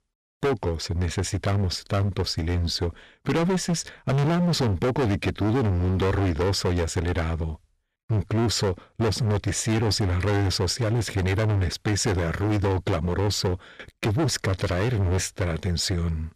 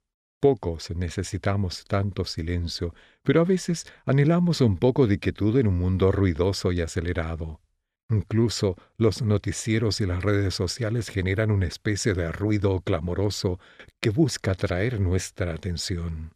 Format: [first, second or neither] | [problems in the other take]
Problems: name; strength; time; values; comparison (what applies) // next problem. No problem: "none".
second | distortion; heavy; 24% of the sound clipped